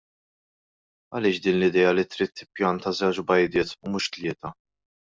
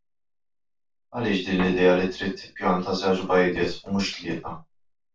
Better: first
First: none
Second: noise reduction (neural separator model SepFormer DNS4)

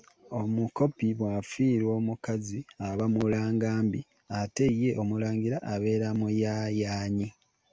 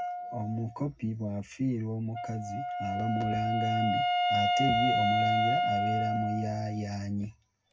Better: first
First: none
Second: background sound (Wind instrument, woodwind instrument); 2 dB above the speech // room echo; dies away in 0.4 s

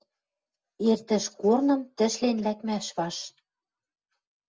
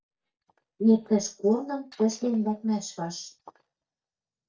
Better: first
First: none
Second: noise reduction (neural mask model DeepFilterNet 3)

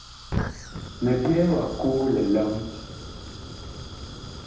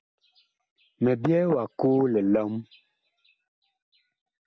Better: second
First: background sound (Fire); 9 dB below the speech // room echo; dies away in 0.8 s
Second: none

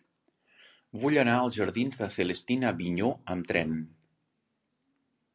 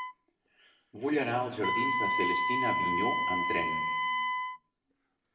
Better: first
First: none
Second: background sound (Wind instrument, woodwind instrument); 4 dB above the speech // room echo; dies away in 0.9 s

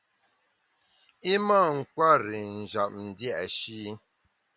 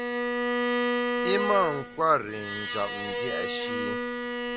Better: first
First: none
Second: background sound (Bowed string instrument); 1 dB above the speech

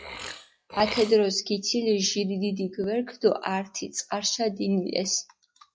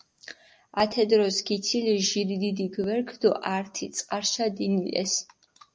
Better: second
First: noise reduction (classical method log-MMSE)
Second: none

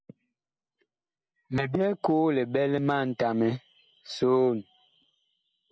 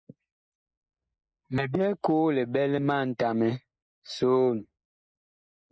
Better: first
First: none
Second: noise reduction (neural mask model Resemble Enhance denoiser)

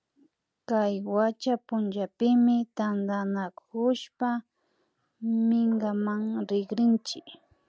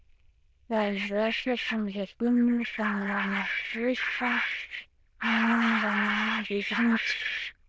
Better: first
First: none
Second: noise reduction (neural diffusion model UNIVERSE++)

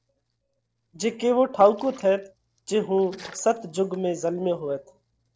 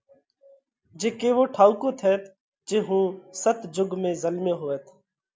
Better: second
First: noise reduction (neural separator model SepFormer DNS4)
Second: none

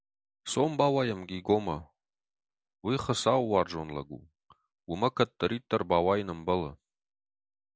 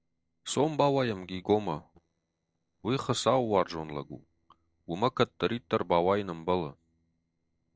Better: first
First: none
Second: noise reduction (neural separator model SepFormer DNS4)

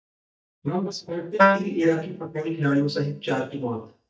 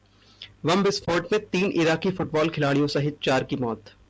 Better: second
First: noise reduction (neural mask model DeepFilterNet 3)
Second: none

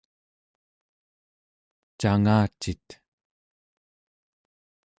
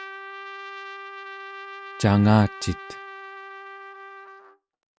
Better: first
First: none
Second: background sound (Trumpet); 13 dB below the speech

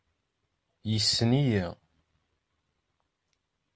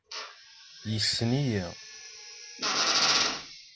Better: first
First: none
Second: background sound (Drill); 2 dB above the speech

